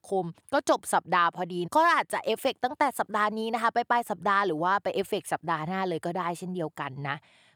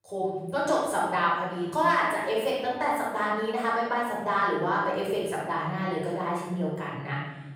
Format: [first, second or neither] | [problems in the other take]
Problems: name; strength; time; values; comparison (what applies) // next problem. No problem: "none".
first | room echo; strong; dies away in 1.3 s // off-mic speech; far